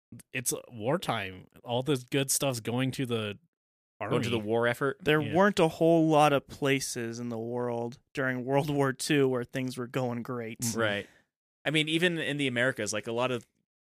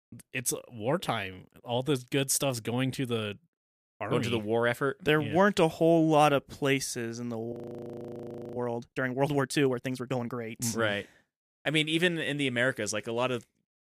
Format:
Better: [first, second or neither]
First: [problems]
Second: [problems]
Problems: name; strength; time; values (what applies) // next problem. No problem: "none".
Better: first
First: none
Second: audio freezing; at 7.5 s for 1 s